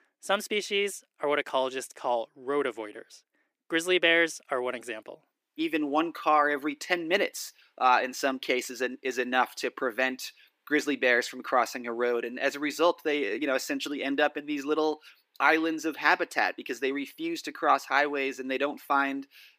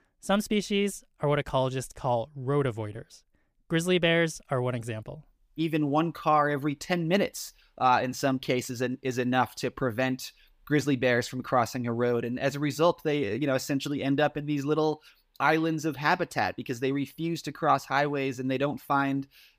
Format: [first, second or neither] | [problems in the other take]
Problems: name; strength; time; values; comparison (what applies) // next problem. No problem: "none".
second | thin; somewhat; fading below 300 Hz